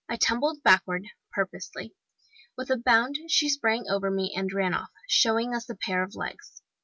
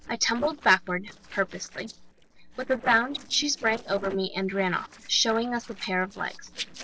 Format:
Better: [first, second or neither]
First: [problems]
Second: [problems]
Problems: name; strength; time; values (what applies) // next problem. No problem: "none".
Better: first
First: none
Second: noise reduction (neural separator model SepFormer DNS4)